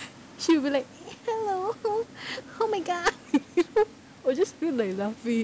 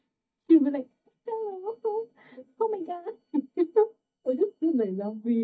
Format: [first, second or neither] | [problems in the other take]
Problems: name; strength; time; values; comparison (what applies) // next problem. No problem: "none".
first | noise reduction (neural mask model DeepFilterNet 3)